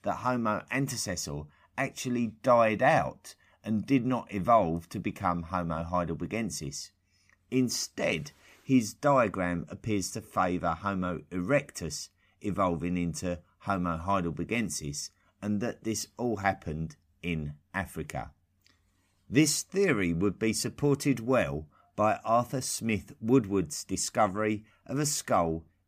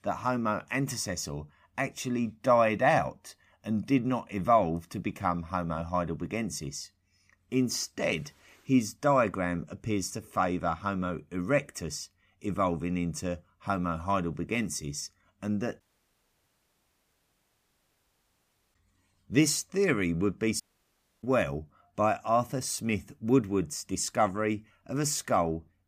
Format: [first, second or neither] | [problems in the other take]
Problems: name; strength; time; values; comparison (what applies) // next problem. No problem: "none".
first | audio cutting out; at 16 s for 3 s and at 21 s for 0.5 s